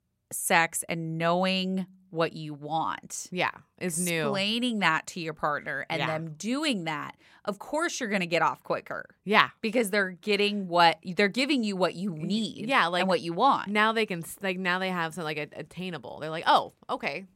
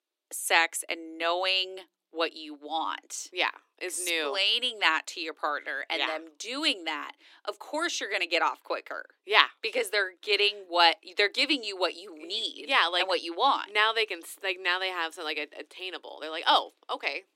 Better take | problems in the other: first | thin; somewhat; fading below 300 Hz

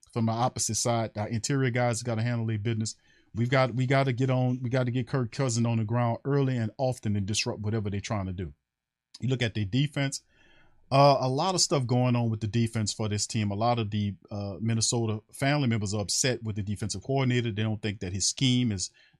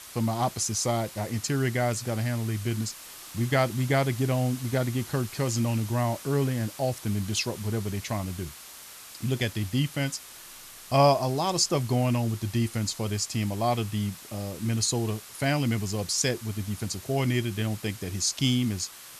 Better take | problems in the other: first | hiss; noticeable; throughout; 15 dB below the speech

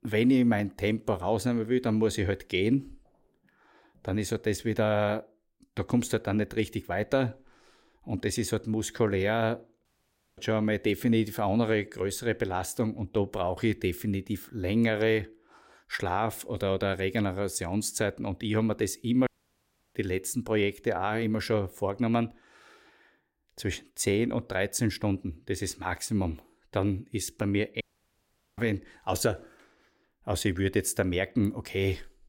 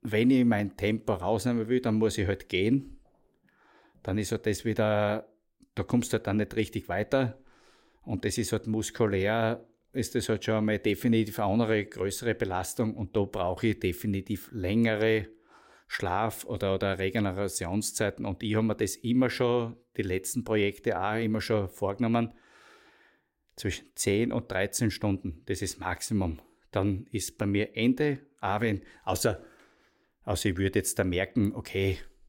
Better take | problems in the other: second | audio cutting out; at 10 s for 0.5 s, at 19 s for 0.5 s and at 28 s for 1 s

